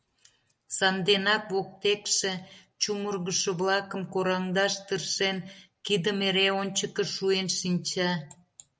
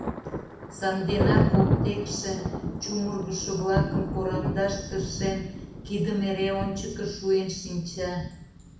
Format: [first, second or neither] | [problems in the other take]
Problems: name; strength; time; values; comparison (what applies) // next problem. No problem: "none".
first | background sound (Thunder); as loud as the speech // room echo; dies away in 0.6 s